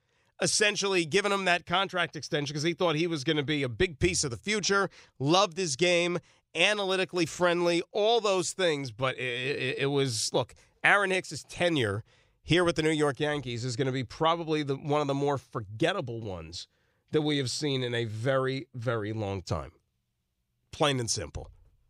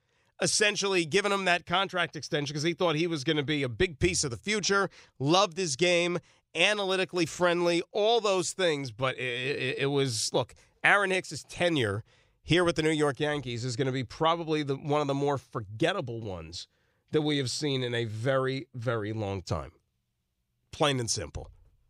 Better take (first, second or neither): neither